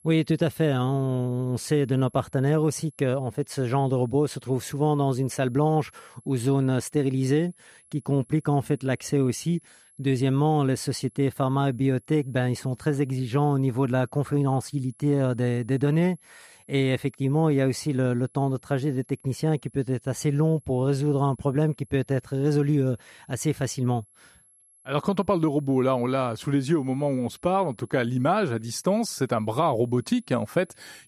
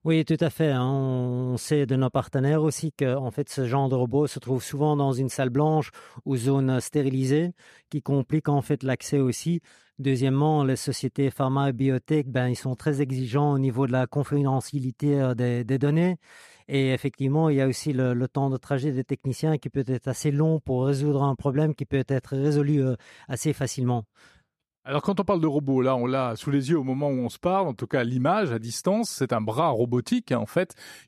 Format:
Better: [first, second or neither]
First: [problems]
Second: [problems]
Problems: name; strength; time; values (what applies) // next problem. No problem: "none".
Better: second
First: high-pitched whine; faint; throughout; 11 kHz, 30 dB below the speech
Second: none